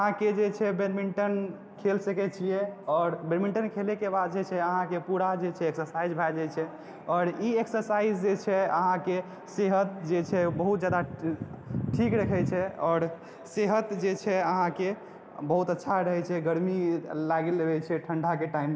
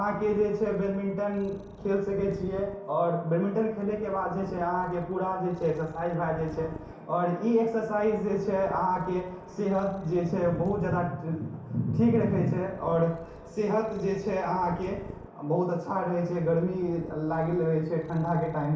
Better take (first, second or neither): first